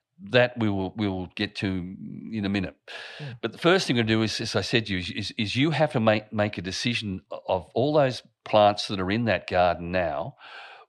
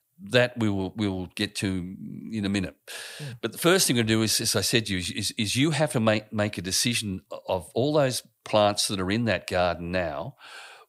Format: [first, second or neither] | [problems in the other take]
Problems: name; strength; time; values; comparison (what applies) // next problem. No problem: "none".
second | muffled; slightly; fading above 3 kHz